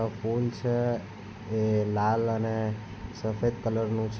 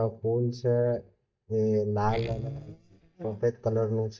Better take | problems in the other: first | noise reduction (neural mask model DeepFilterNet 3)

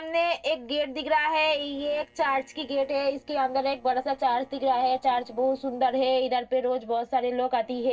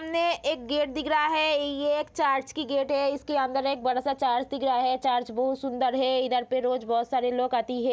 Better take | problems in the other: second | noise reduction (neural separator model SepFormer DNS4)

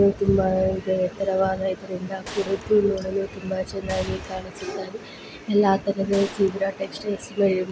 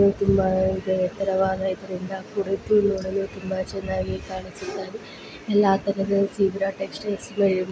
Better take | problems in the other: second | background sound (Gunshot, gunfire); 17 dB below the speech

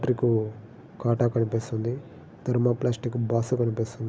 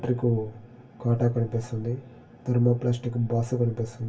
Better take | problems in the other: first | room echo; dies away in 0.2 s

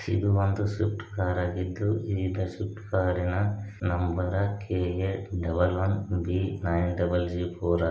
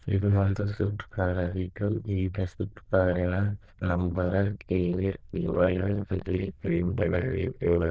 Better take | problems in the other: first | noise reduction (neural diffusion model UNIVERSE++)

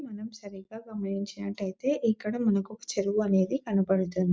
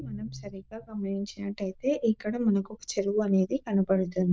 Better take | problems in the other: first | noise reduction (neural diffusion model UNIVERSE++)

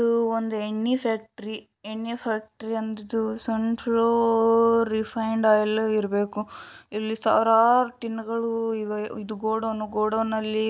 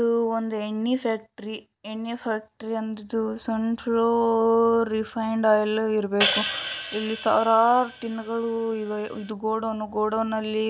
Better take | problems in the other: first | background sound (Hi-hat); 7 dB below the speech

